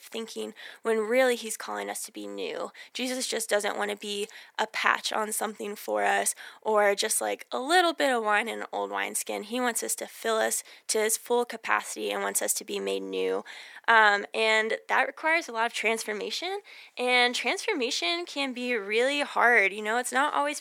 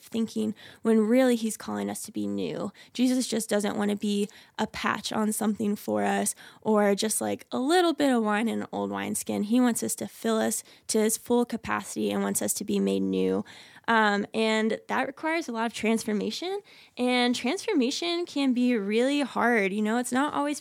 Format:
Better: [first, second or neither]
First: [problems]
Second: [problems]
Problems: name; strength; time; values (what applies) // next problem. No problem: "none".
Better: second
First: thin; very; fading below 550 Hz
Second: none